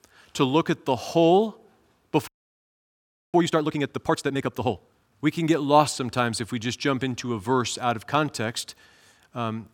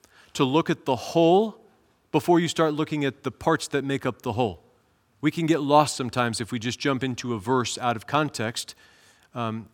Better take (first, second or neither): second